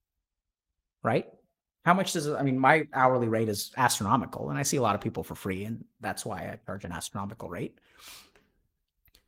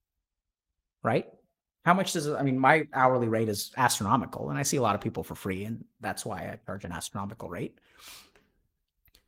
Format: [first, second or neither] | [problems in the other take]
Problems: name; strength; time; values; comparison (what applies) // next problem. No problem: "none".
neither | garbled, watery; slightly; nothing above 16 kHz; the same in both